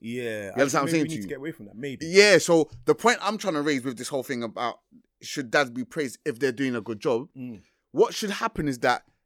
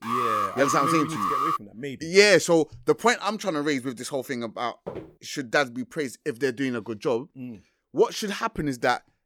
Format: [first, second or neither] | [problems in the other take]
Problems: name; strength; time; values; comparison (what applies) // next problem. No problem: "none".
first | alarm; loud; until 1.5 s; peak level with the speech // footsteps; faint; at 5 s; peak 15 dB below the speech